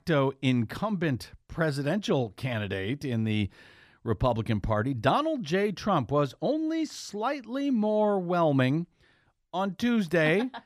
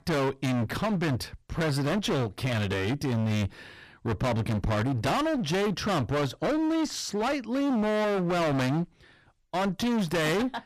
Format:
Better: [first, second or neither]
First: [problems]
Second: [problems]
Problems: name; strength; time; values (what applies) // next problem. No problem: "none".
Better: first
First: none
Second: distortion; heavy; 36% of the sound clipped